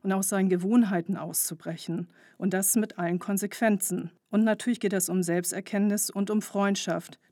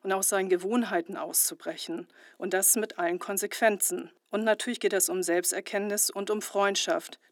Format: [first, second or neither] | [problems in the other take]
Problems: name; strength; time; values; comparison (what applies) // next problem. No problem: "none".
first | thin; somewhat; fading below 300 Hz